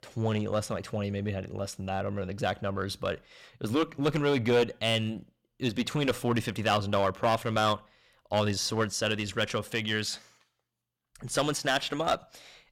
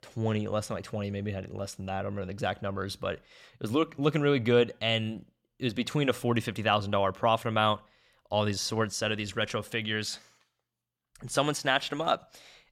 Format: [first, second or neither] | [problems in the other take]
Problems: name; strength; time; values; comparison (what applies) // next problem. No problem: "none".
second | distortion; slight; 4% of the sound clipped